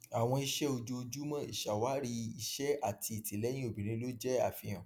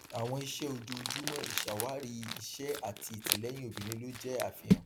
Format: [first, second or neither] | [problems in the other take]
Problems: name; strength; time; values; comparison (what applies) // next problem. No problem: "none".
first | background sound (Crumpling, crinkling); 2 dB above the speech